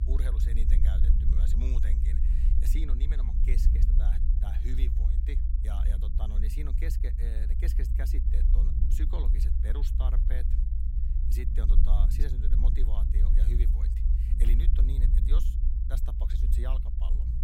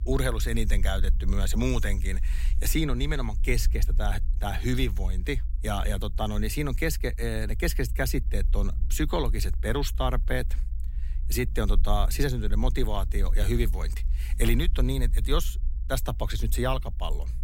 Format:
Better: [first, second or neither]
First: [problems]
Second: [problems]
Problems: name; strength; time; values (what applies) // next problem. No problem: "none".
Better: second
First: low rumble; loud; throughout; 1 dB below the speech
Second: low rumble; faint; throughout; 20 dB below the speech